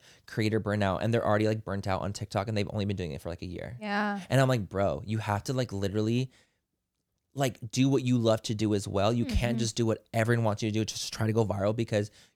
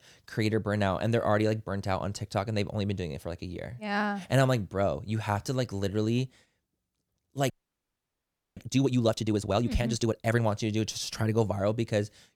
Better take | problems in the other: first | audio freezing; at 7.5 s for 1 s

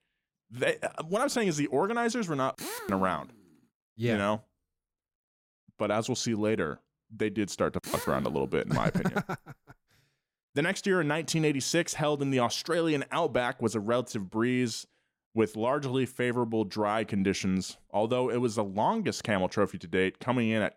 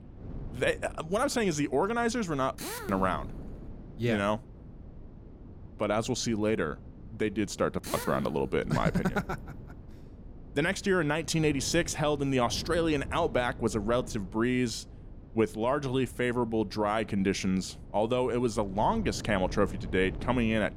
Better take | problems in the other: first | wind noise on the microphone; occasional gusts; 20 dB below the speech

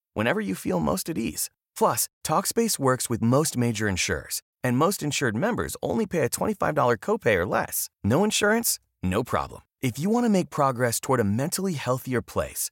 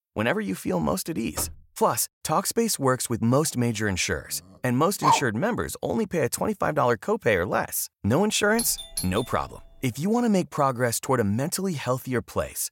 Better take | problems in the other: first | door banging; faint; at 1.5 s; peak 15 dB below the speech // dog barking; loud; at 5 s; peak 2 dB above the speech // doorbell; noticeable; from 8.5 to 9.5 s; peak 6 dB below the speech

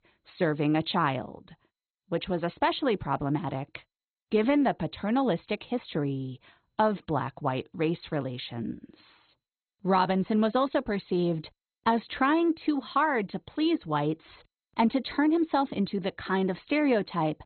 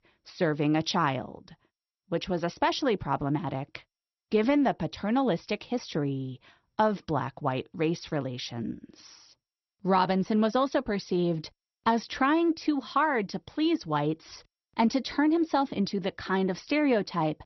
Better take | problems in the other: second | garbled, watery; badly; nothing above 4 kHz; slightly in the second

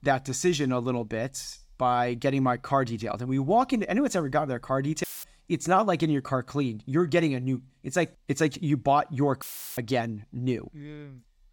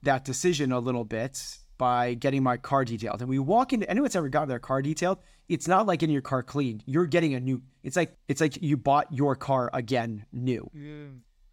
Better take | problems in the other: second | audio cutting out; filled with static; at 5 s and at 9.5 s

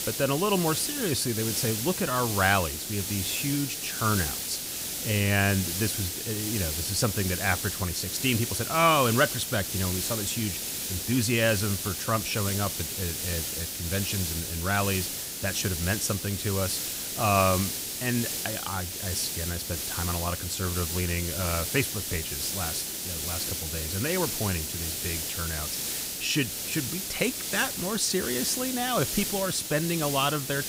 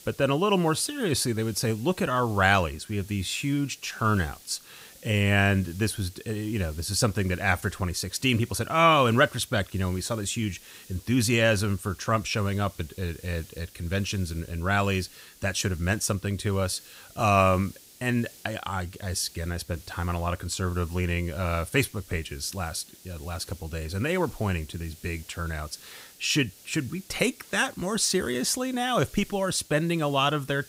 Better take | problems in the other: second | hiss; loud; throughout; 1 dB below the speech; faint in the second

